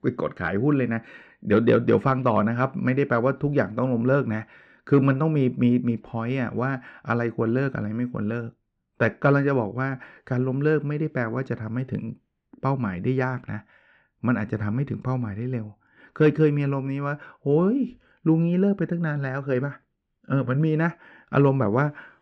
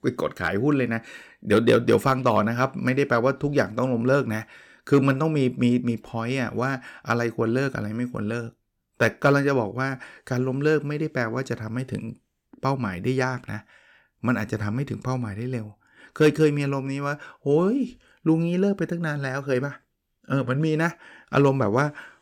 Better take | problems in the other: second | muffled; slightly; fading above 2.5 kHz

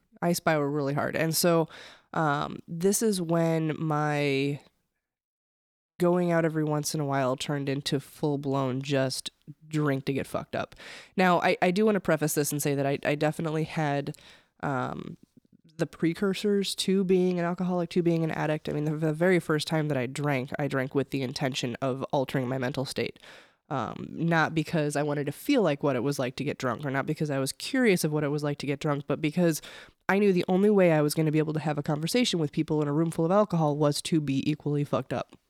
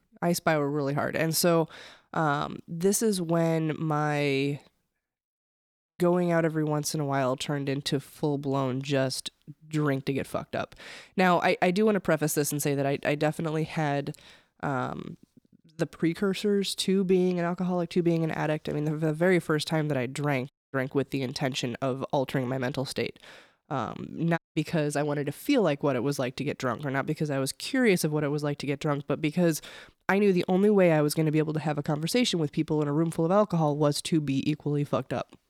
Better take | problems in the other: first | audio cutting out; at 21 s and at 24 s

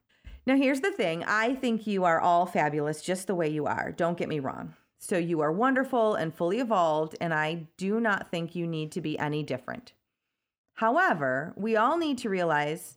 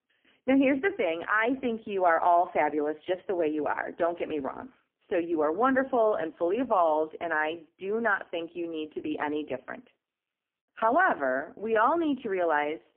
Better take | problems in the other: first | phone-call audio; poor line

